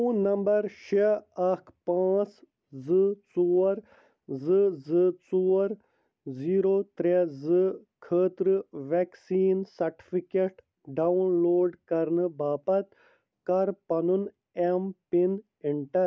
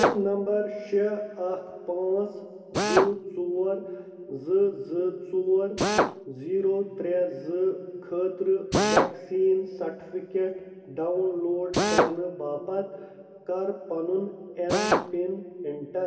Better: first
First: none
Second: background sound (Drill); 3 dB below the speech // room echo; dies away in 2.5 s

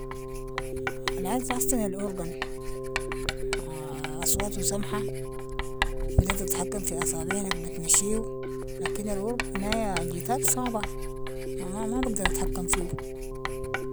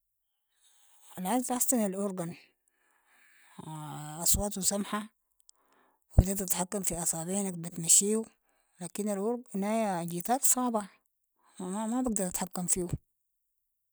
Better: second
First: background sound (Writing + Keyboard (musical)); as loud as the speech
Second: none

